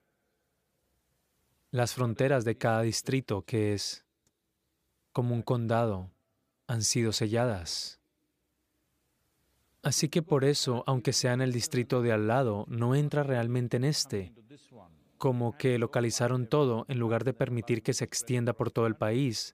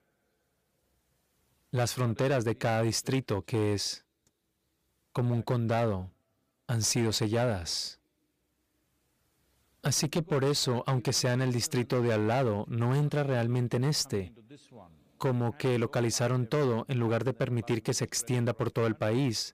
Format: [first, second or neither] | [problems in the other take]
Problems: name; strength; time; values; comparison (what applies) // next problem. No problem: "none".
first | distortion; slight; 10% of the sound clipped